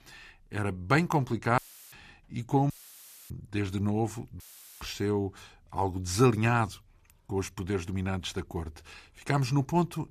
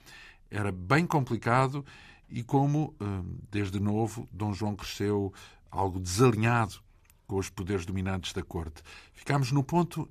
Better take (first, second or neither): second